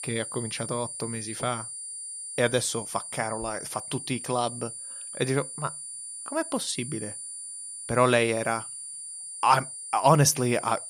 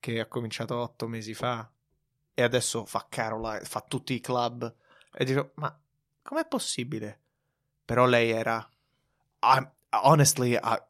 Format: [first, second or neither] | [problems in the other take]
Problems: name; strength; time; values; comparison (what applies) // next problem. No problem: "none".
second | high-pitched whine; loud; throughout; 9.5 kHz, 8 dB below the speech